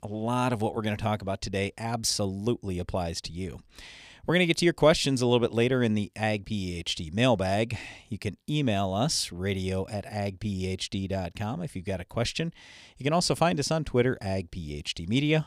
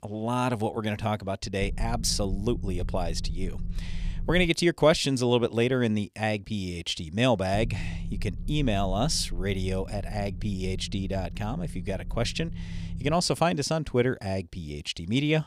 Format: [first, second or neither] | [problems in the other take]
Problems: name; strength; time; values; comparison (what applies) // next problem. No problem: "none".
first | low rumble; faint; from 1.5 to 4.5 s and from 7.5 to 13 s; 20 dB below the speech